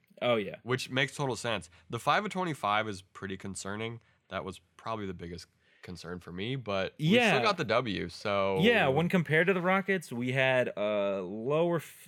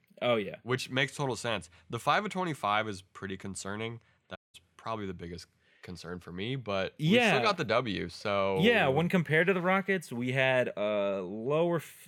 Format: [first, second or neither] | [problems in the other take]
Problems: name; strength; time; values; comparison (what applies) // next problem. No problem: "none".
first | audio cutting out; at 4.5 s